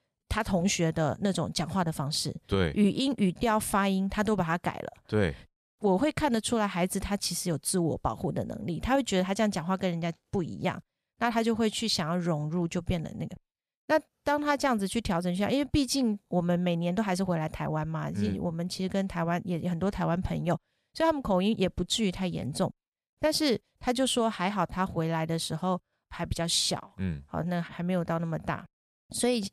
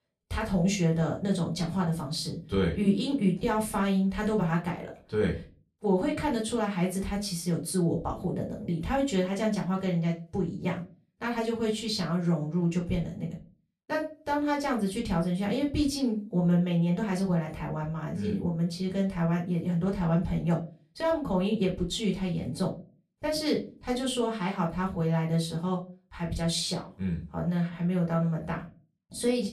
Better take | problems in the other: first | off-mic speech; far // room echo; very slight; dies away in 0.3 s

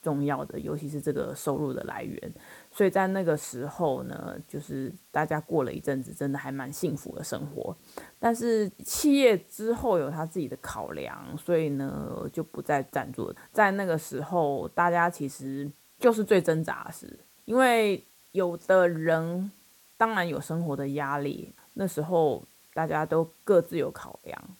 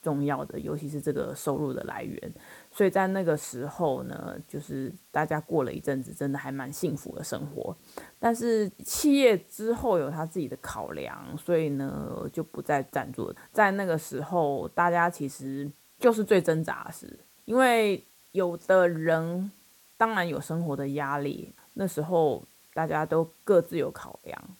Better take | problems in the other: neither | hiss; faint; throughout; 30 dB below the speech; the same in both

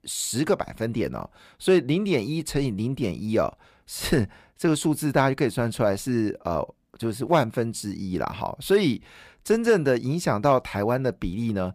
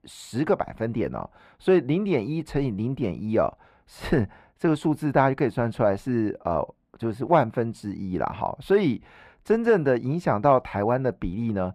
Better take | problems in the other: first | muffled; slightly; fading above 3.5 kHz

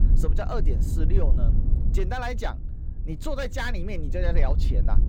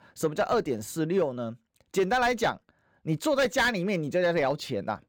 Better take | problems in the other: second | low rumble; noticeable; throughout; 10 dB below the speech

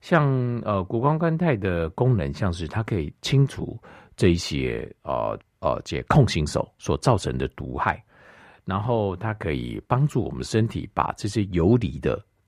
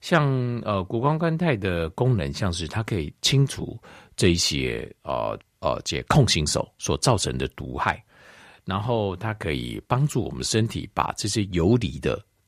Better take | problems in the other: second | muffled; slightly; fading above 2.5 kHz

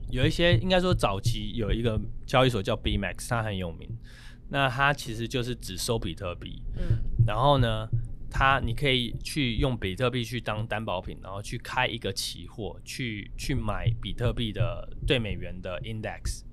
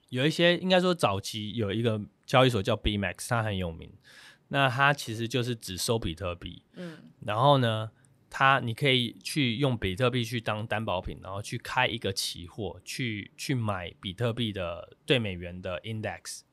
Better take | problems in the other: second | low rumble; faint; throughout; 20 dB below the speech

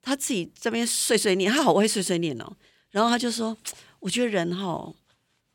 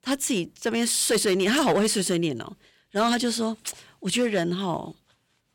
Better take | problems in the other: first | distortion; slight; 4% of the sound clipped

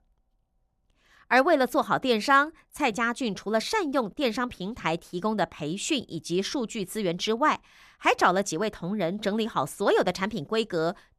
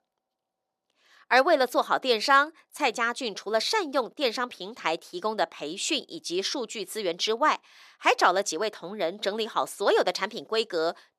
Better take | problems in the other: first | thin; somewhat; fading below 450 Hz

